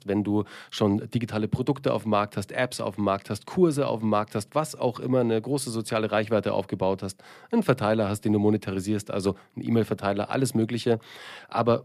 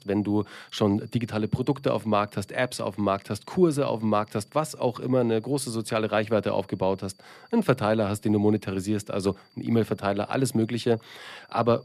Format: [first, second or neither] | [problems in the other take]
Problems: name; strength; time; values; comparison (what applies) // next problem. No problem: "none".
first | high-pitched whine; faint; throughout; 4.5 kHz, 35 dB below the speech